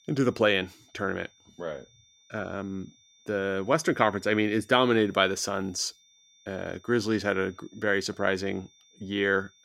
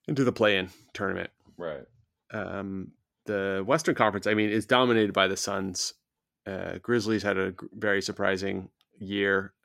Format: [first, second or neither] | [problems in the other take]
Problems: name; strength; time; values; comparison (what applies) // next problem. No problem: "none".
second | high-pitched whine; faint; throughout; 3.5 kHz, 30 dB below the speech